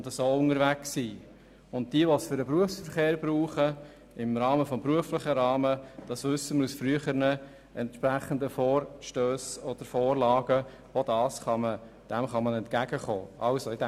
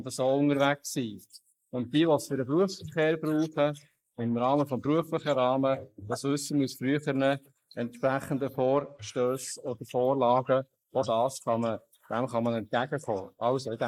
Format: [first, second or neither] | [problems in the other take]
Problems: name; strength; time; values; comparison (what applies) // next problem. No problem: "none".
first | noise reduction (neural mask model Resemble Enhance denoiser)